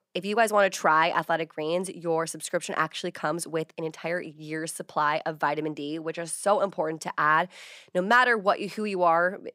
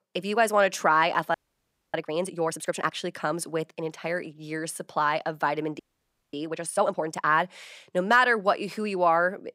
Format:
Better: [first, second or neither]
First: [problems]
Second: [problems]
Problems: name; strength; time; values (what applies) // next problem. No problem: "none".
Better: first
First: none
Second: audio freezing; at 1.5 s for 0.5 s and at 6 s for 0.5 s